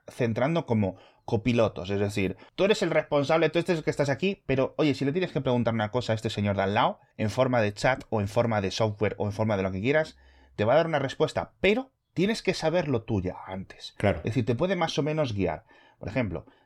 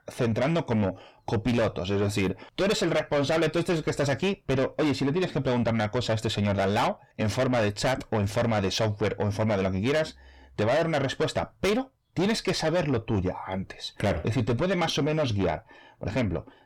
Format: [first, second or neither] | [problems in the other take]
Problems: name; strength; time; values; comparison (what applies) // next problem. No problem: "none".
first | distortion; heavy; 7 dB below the speech